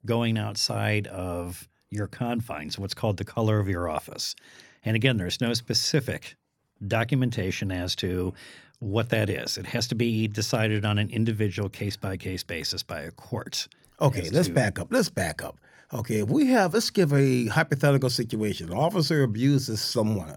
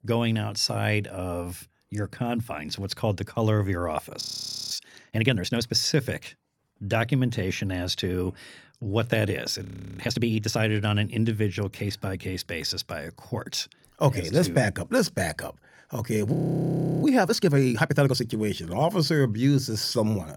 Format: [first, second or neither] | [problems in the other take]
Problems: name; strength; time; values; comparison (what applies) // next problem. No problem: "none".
first | audio freezing; at 4 s for 0.5 s, at 9.5 s and at 16 s for 0.5 s